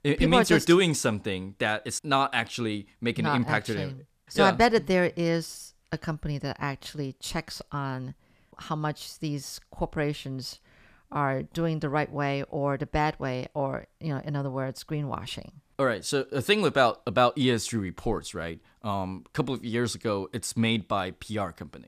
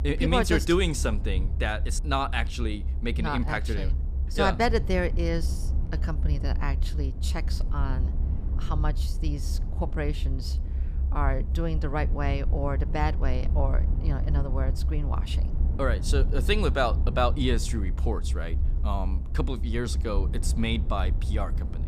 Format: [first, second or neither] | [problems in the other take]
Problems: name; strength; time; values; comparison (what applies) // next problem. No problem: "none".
first | low rumble; noticeable; throughout; 15 dB below the speech